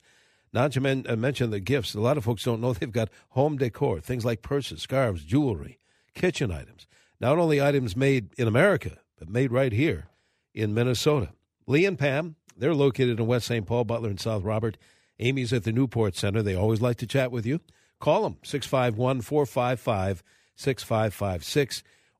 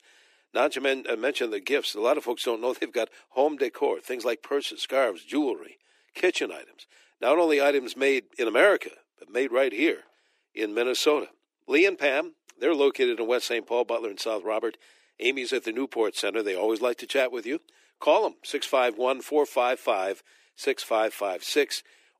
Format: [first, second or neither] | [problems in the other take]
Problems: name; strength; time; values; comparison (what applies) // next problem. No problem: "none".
first | thin; somewhat; fading below 300 Hz